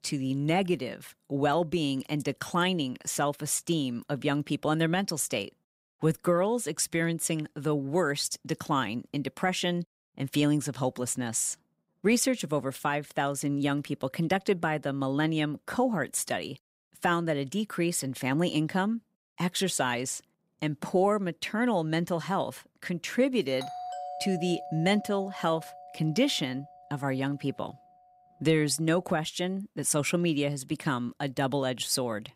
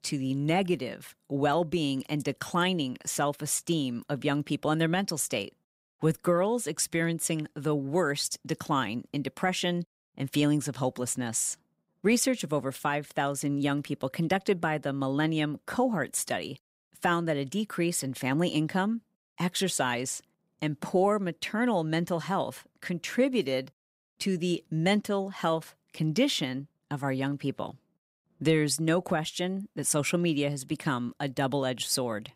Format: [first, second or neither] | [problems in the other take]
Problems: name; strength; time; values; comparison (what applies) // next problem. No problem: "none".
second | doorbell; noticeable; from 24 to 27 s; peak 8 dB below the speech